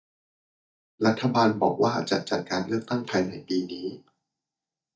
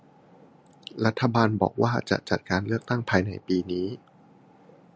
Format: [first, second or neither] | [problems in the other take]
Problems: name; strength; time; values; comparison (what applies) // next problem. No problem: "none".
second | noise reduction (neural mask model DeepFilterNet 3)